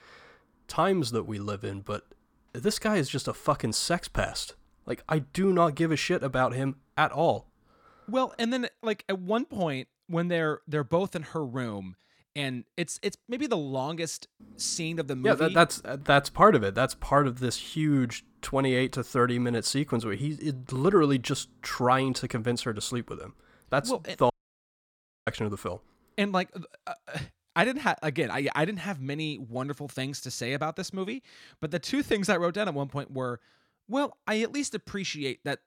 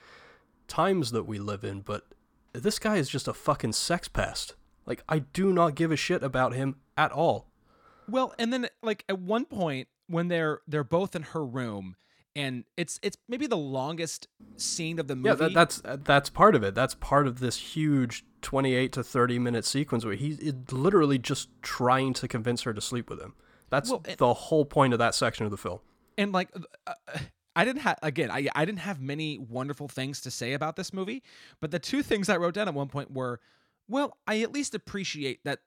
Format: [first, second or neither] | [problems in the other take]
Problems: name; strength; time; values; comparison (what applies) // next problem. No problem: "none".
second | audio cutting out; at 24 s for 1 s